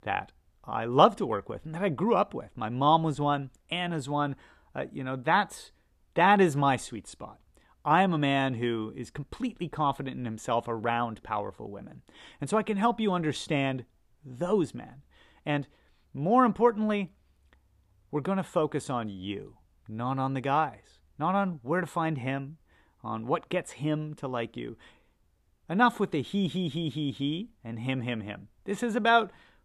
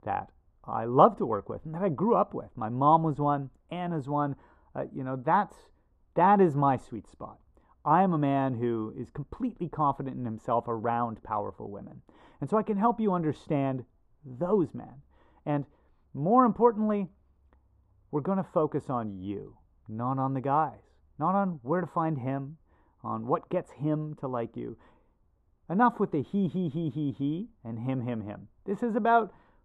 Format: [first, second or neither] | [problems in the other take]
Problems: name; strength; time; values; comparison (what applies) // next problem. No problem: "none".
first | muffled; very; fading above 1.5 kHz